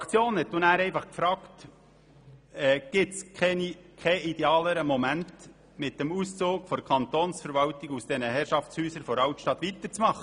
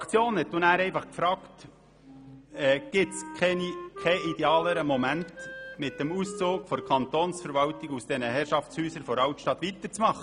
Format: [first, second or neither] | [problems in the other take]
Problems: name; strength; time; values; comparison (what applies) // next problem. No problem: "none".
first | background sound (Wind instrument, woodwind instrument); 15 dB below the speech